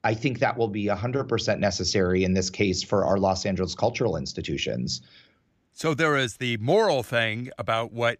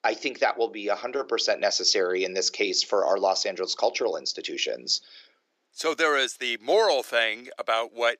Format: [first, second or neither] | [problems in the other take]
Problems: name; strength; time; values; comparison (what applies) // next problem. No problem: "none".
first | thin; very; fading below 350 Hz